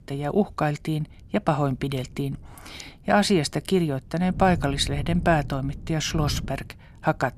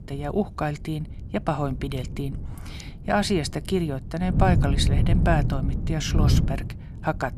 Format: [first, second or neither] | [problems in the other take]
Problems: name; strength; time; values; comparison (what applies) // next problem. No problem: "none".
first | wind noise on the microphone; heavy; 9 dB below the speech; occasional gusts in the first